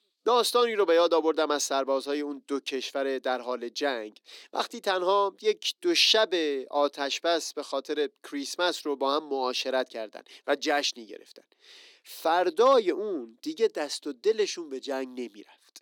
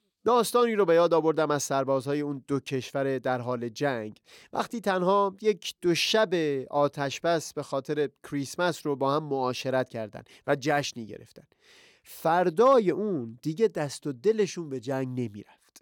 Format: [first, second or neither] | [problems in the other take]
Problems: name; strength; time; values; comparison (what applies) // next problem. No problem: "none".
second | thin; very slightly; fading below 250 Hz